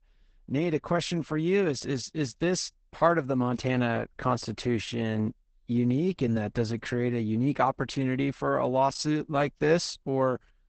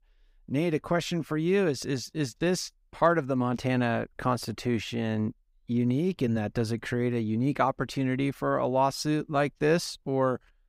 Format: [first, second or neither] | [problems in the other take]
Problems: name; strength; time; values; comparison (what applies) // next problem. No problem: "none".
second | garbled, watery; badly; nothing above 8 kHz